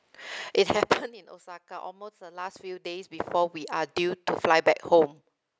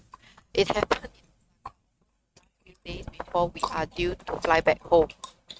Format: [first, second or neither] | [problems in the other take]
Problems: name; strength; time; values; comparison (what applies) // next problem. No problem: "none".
first | noise reduction (neural mask model RNNoise)